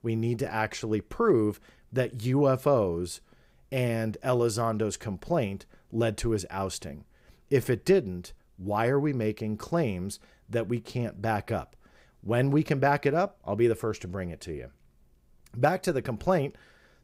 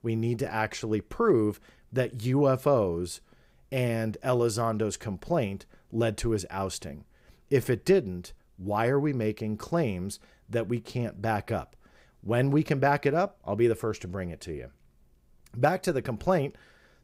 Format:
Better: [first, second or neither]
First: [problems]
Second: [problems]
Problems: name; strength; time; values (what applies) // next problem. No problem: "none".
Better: neither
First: none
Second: none